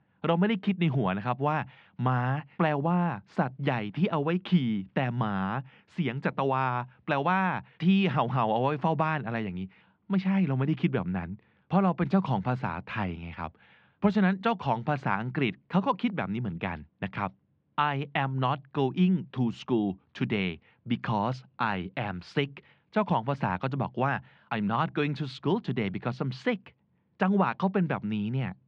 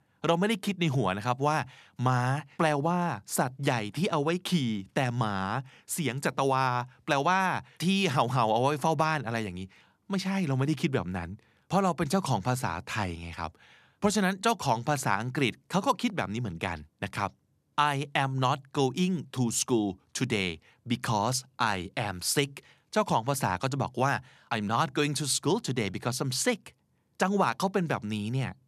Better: second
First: muffled; very; fading above 3 kHz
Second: none

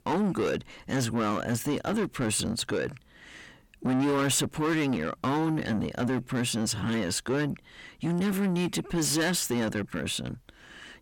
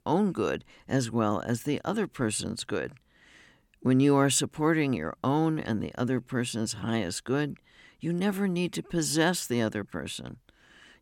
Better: second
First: distortion; heavy; 6 dB below the speech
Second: none

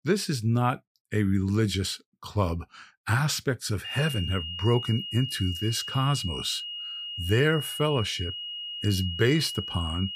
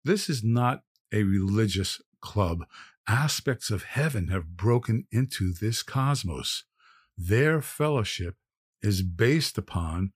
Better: second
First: high-pitched whine; loud; from 4 s on; 3 kHz, 6 dB below the speech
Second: none

